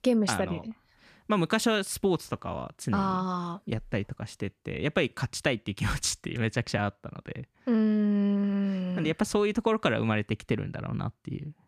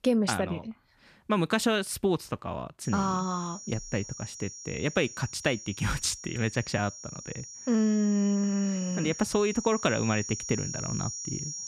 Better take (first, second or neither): first